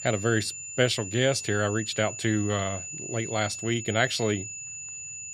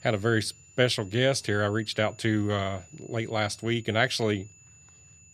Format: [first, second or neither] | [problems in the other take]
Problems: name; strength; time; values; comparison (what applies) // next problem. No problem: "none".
second | high-pitched whine; loud; throughout; 7 kHz, 8 dB below the speech; faint in the second